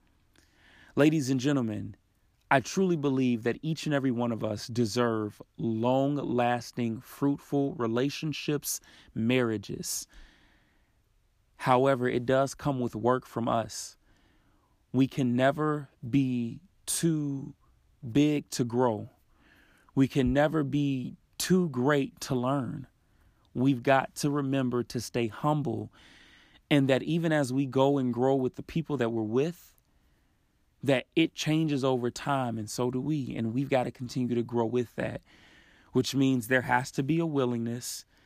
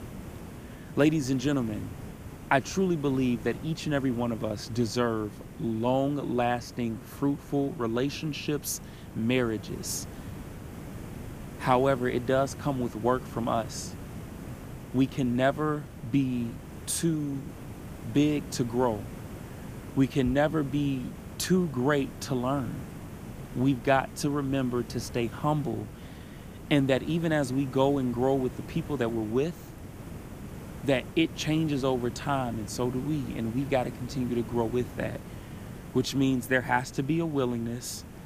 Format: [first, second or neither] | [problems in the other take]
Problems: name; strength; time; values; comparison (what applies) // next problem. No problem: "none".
first | hiss; noticeable; throughout; 15 dB below the speech